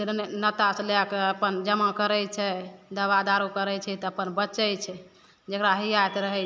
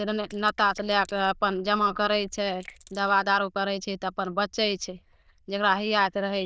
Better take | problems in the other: first | noise reduction (neural diffusion model UNIVERSE++)

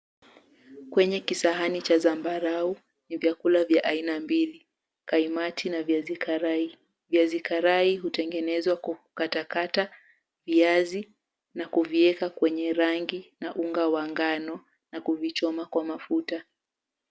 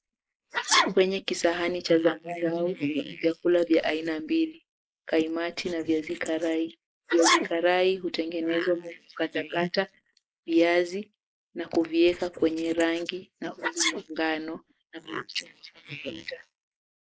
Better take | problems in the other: first | noise reduction (neural mask model Resemble Enhance denoiser)

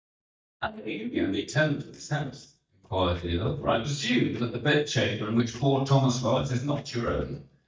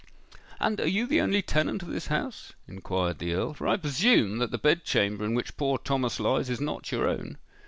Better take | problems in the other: second | noise reduction (neural mask model DeepFilterNet 3)

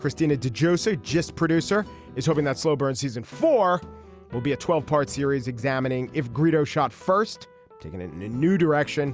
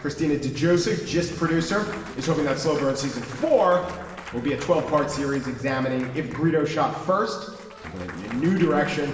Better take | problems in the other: first | background sound (Applause / Cheering / Clapping); 18 dB below the speech // room echo; dies away in 1.2 s

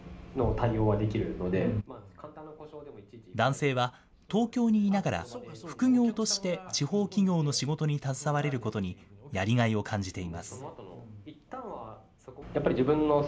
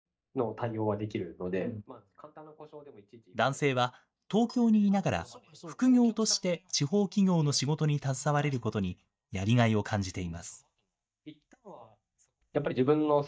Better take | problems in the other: first | noise reduction (neural mask model DeepFilterNet 3)

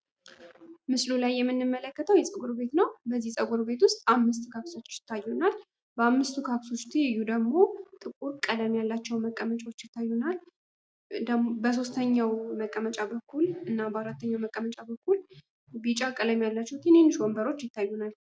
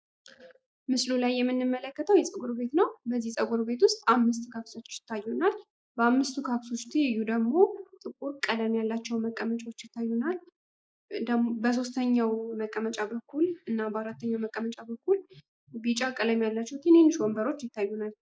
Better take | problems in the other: first | noise reduction (neural mask model Resemble Enhance denoiser)

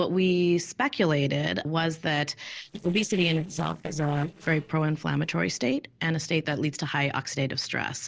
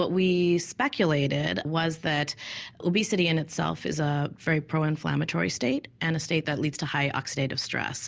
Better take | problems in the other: second | noise reduction (neural separator model SepFormer DNS4)

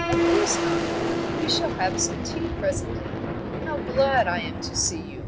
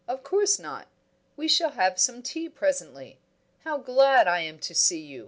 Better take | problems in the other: second | background sound (Piano + Boom); 1 dB above the speech

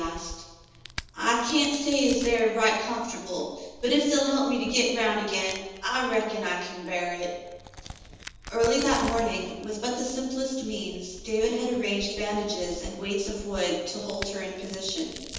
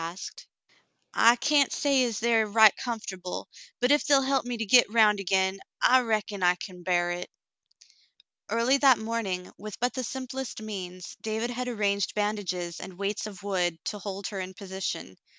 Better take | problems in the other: second | background sound (Crack); 15 dB below the speech // room echo; dies away in 1.1 s

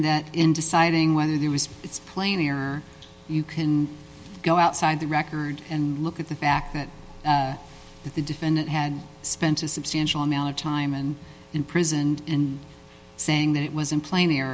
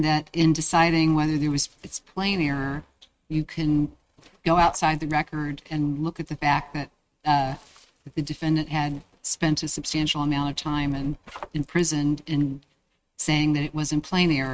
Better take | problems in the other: first | noise reduction (neural mask model RNNoise)

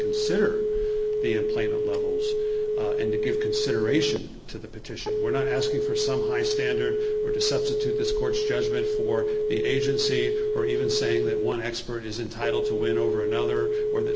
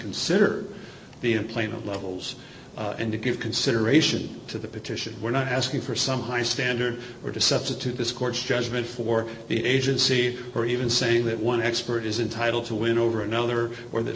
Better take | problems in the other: second | background sound (Telephone); 5 dB above the speech

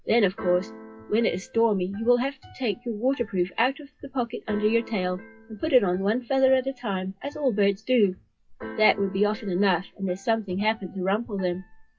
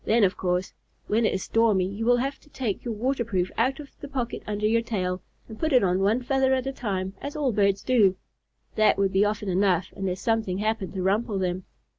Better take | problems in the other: second | noise reduction (classical method WPE with log-MMSE)

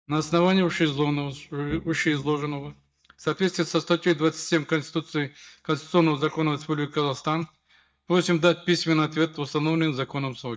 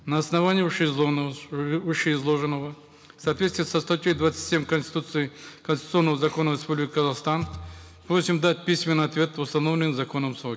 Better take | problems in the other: second | noise reduction (neural mask model DeepFilterNet 3)

